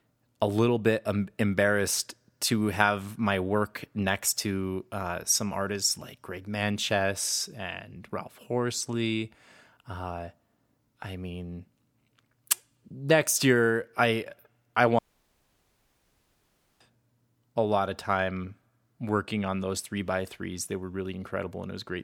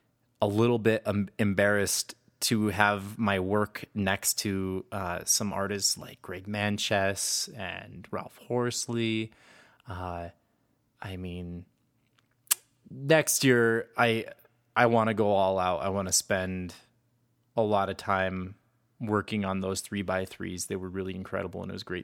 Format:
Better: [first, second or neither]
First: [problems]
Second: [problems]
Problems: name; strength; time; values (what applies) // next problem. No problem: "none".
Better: second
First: audio cutting out; at 15 s for 2 s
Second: none